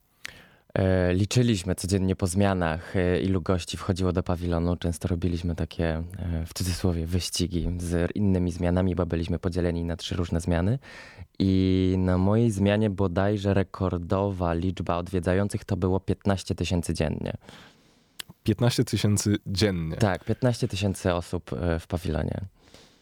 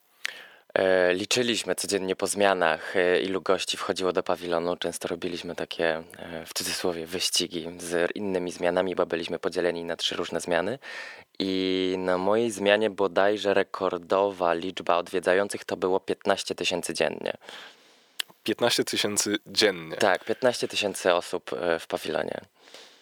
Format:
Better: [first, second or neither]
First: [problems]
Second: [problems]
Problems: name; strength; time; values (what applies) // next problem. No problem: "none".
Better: first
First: none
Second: thin; very; fading below 500 Hz